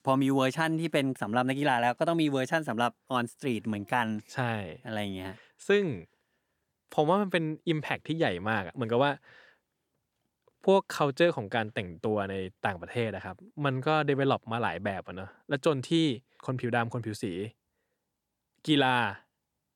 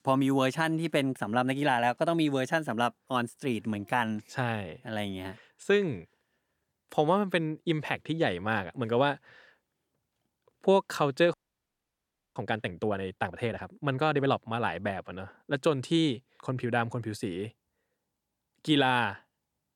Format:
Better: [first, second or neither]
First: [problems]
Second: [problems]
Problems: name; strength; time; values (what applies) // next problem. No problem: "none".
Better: first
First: none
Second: audio freezing; at 11 s for 1 s